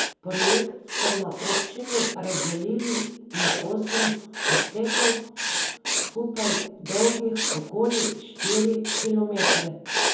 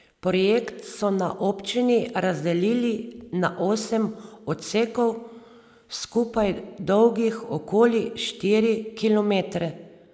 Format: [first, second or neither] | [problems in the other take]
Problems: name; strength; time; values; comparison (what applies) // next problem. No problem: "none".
second | background sound (Writing); 1 dB above the speech // room echo; dies away in 0.6 s